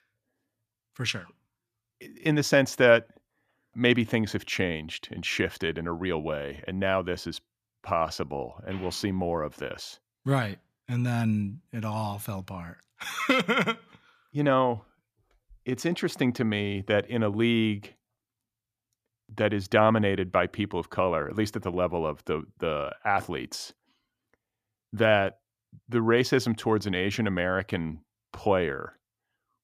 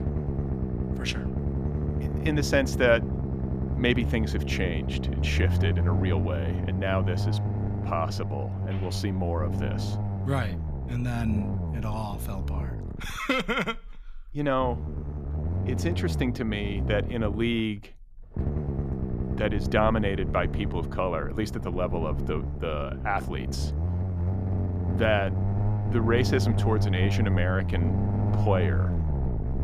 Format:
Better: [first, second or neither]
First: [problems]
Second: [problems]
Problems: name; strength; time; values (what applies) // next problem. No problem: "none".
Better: first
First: none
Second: low rumble; loud; throughout; 9 dB below the speech